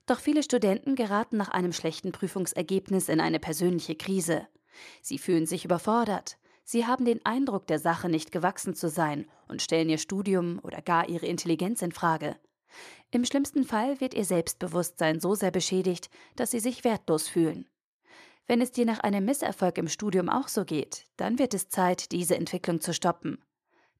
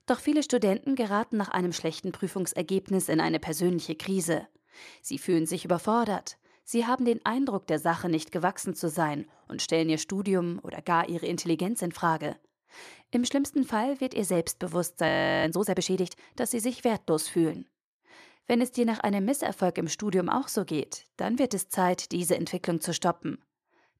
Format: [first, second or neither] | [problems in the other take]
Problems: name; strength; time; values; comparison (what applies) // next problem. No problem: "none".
first | audio freezing; at 15 s